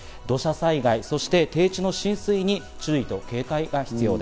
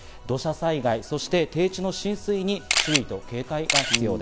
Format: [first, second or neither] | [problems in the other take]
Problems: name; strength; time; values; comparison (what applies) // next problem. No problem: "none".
first | background sound (Camera); 4 dB above the speech